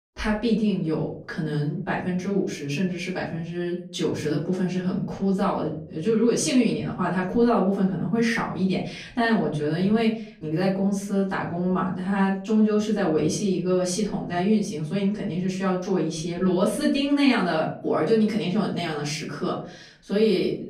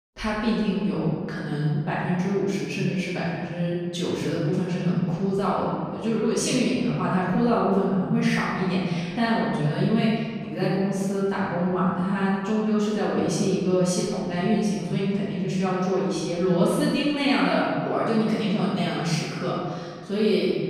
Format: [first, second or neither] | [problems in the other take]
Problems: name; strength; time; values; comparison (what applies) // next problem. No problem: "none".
first | room echo; strong; dies away in 1.7 s; slight in the first // off-mic speech; far; far in the first